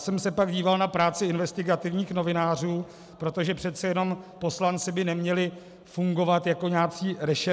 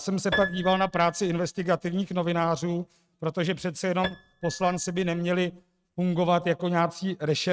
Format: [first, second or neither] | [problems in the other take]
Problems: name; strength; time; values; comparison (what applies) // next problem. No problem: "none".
first | noise reduction (neural mask model RNNoise)